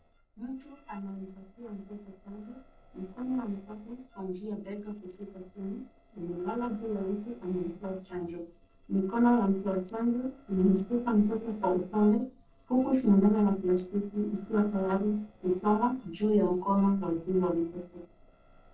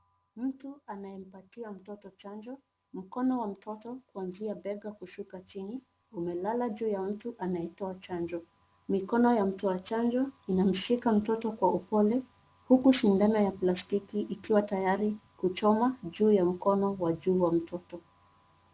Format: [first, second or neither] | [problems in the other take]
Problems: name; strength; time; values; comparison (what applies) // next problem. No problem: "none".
second | noise reduction (neural separator model SepFormer DNS4)